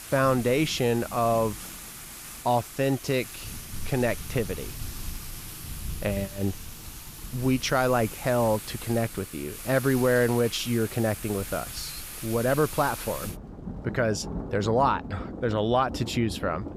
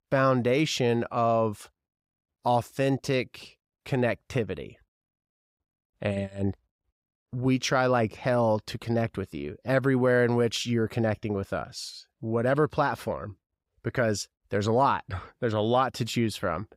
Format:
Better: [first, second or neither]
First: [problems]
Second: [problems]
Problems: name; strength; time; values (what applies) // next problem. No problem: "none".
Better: second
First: rain or running water; noticeable; throughout; 10 dB below the speech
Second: none